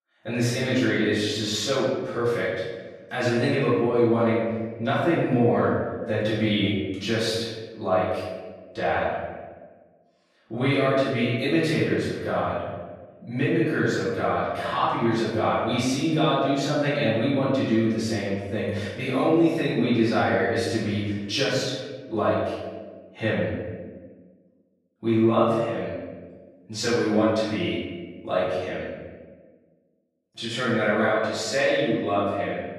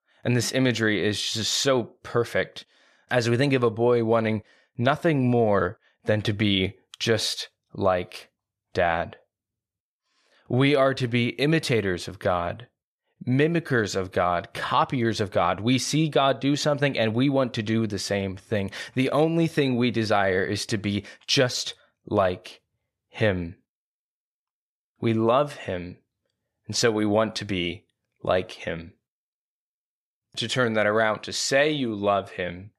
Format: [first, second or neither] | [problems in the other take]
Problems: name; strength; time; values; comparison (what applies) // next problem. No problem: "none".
second | off-mic speech; far // room echo; strong; dies away in 1.3 s